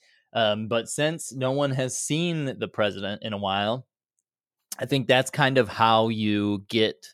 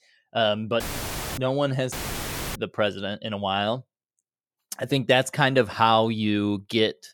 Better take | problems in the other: first | audio cutting out; filled with static; at 1 s for 0.5 s and at 2 s for 0.5 s

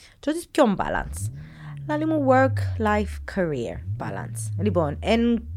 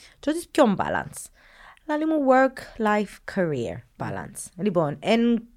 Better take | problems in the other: second | low rumble; faint; throughout; 25 dB below the speech

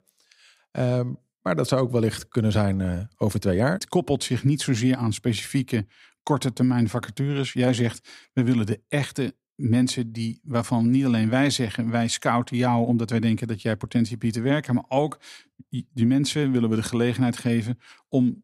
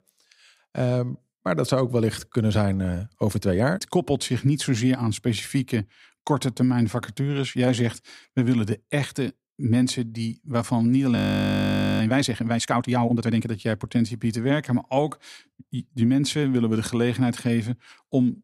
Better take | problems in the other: first | audio freezing; at 11 s for 1 s

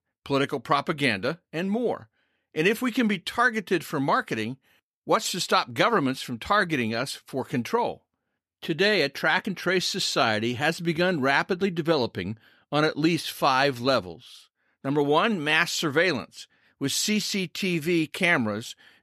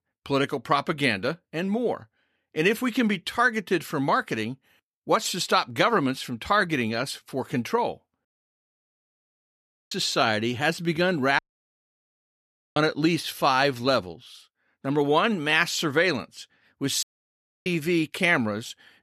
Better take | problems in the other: first | audio cutting out; at 8.5 s for 1.5 s, at 11 s for 1.5 s and at 17 s for 0.5 s

